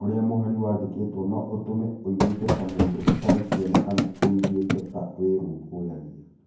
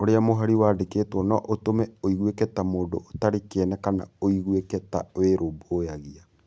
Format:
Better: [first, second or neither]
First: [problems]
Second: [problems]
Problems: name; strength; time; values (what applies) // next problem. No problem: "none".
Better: second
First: background sound (Run); 3 dB above the speech // room echo; dies away in 0.9 s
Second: none